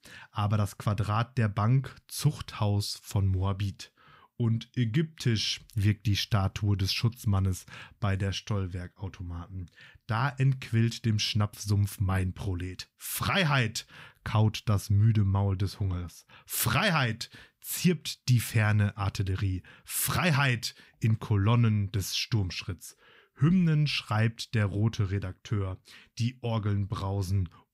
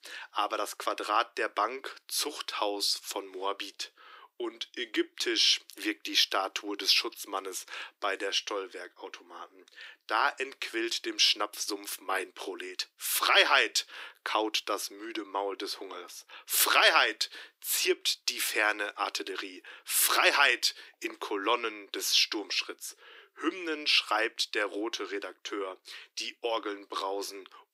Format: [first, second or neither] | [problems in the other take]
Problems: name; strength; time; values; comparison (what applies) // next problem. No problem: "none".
first | thin; very; fading below 300 Hz